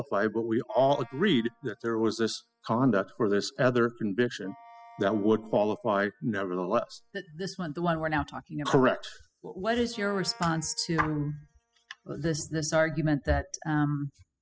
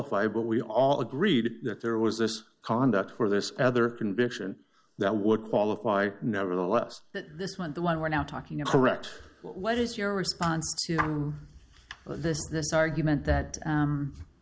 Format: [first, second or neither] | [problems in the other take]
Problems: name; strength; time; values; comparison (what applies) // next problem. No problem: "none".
second | noise reduction (classical method spectral subtraction)